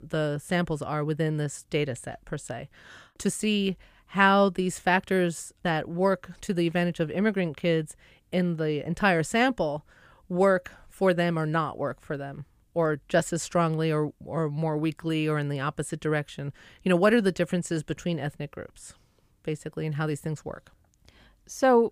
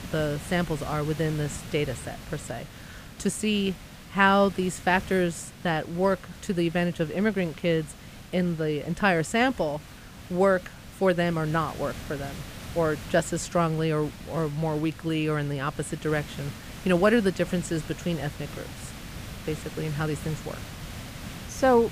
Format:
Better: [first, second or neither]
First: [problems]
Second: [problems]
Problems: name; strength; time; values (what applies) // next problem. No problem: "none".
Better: first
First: none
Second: hiss; noticeable; throughout; 15 dB below the speech